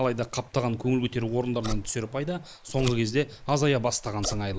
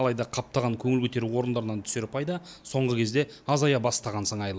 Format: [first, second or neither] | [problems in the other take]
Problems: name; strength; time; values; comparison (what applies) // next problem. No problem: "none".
second | noise reduction (neural mask model Resemble Enhance denoiser)